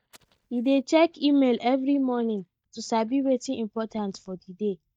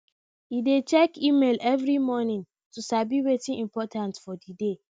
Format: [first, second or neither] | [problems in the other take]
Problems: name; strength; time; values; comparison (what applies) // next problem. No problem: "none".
second | noise reduction (neural mask model DeepFilterNet 3)